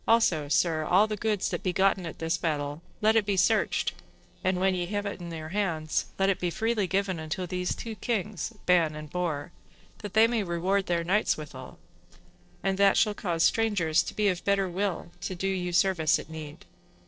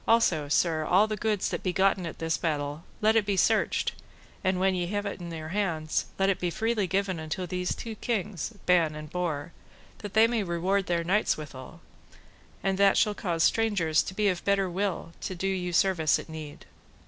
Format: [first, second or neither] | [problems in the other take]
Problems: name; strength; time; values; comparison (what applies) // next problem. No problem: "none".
second | noise reduction (neural separator model SepFormer DNS4)